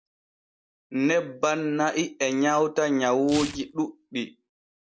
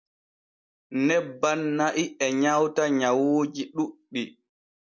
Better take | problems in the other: second | background sound (Tearing); 18 dB below the speech

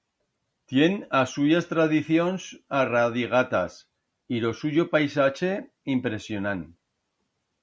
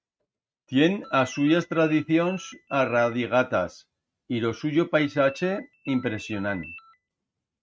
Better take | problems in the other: first | noise reduction (neural mask model RNNoise)

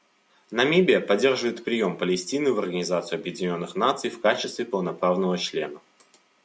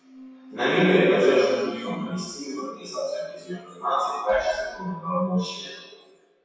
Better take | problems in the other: first | noise reduction (classical method WPE with log-MMSE)

